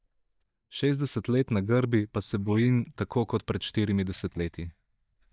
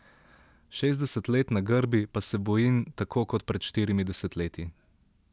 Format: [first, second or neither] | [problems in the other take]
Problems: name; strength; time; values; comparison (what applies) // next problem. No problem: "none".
second | noise reduction (neural mask model DeepFilterNet 3)